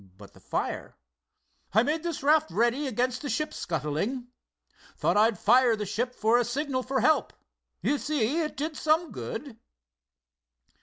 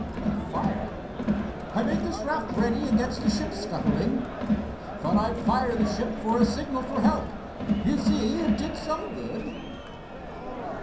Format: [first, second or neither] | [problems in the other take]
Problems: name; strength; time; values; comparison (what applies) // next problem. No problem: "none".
first | background sound (Crowd); 1 dB above the speech // room echo; dies away in 0.6 s